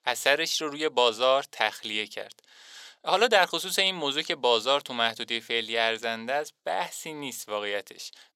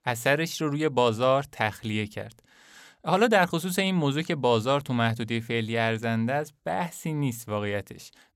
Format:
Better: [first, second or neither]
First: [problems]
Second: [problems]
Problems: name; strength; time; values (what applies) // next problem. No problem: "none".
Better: second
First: thin; somewhat; fading below 500 Hz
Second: none